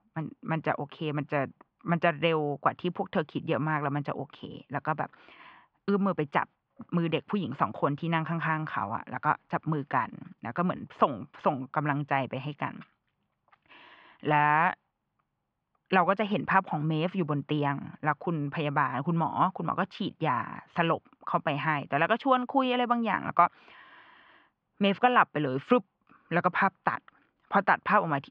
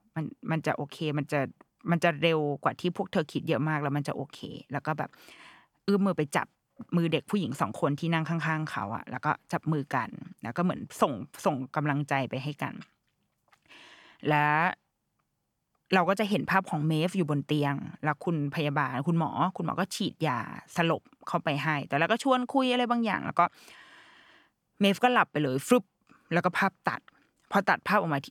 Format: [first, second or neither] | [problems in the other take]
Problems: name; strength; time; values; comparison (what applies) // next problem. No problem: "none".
second | muffled; very; fading above 3.5 kHz